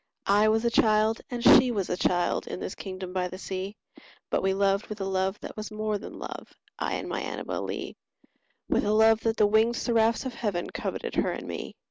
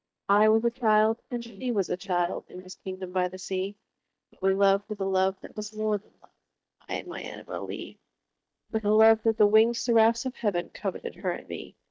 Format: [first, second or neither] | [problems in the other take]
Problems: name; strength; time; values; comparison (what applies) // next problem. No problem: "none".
first | noise reduction (neural mask model DeepFilterNet 3)